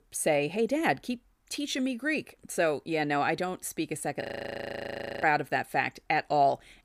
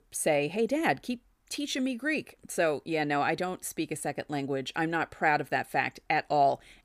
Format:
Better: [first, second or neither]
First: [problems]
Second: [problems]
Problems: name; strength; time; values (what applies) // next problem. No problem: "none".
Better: second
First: audio freezing; at 4 s for 1 s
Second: none